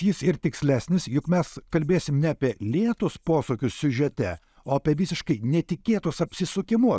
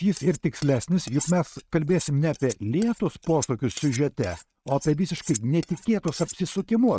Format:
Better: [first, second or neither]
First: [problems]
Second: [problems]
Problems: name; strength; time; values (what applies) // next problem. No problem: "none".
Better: first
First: none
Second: noise reduction (neural mask model RNNoise)